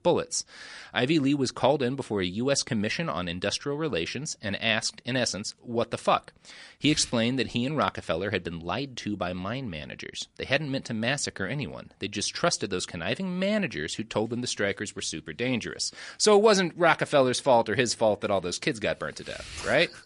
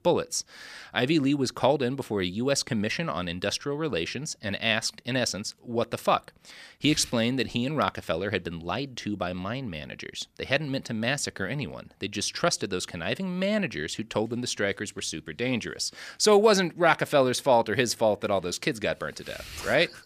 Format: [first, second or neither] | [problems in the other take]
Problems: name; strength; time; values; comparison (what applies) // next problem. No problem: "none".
second | garbled, watery; slightly; nothing above 10.5 kHz